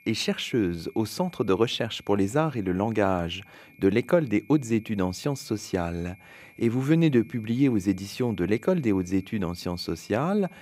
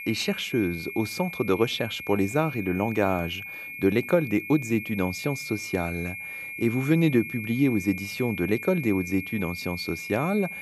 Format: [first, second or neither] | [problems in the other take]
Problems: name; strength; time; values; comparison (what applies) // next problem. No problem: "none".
first | high-pitched whine; loud; throughout; 2.5 kHz, 8 dB below the speech; faint in the first